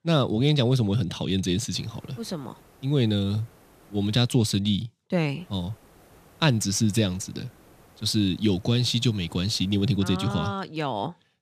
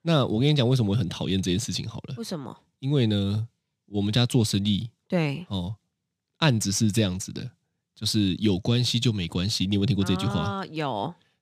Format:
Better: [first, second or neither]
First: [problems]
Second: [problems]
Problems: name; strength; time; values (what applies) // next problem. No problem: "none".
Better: second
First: hiss; faint; from 2 to 4.5 s and from 5.5 to 10 s; 30 dB below the speech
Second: none